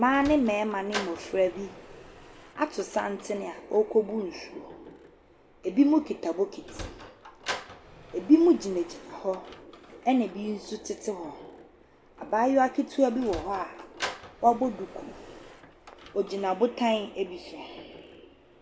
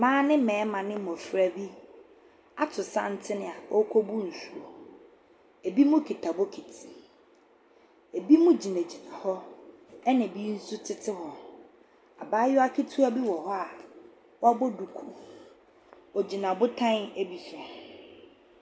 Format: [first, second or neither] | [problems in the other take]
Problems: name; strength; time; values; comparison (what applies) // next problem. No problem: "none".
second | background sound (Sliding door); 16 dB below the speech